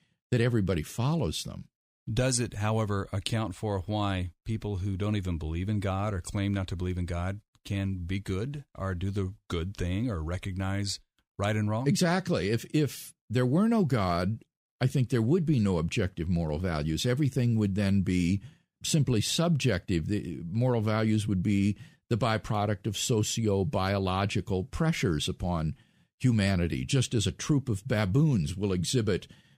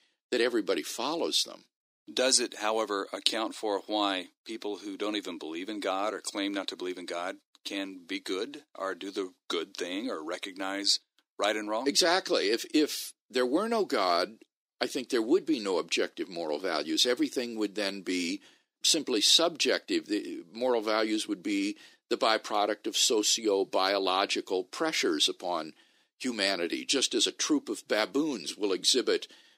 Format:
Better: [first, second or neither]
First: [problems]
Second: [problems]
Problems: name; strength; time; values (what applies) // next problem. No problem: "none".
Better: first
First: none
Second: thin; somewhat; fading below 300 Hz